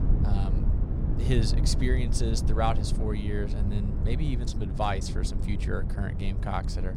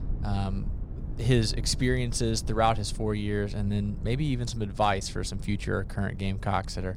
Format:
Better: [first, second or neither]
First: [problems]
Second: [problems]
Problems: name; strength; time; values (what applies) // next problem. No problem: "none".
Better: second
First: low rumble; loud; throughout; 8 dB below the speech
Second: low rumble; faint; throughout; 20 dB below the speech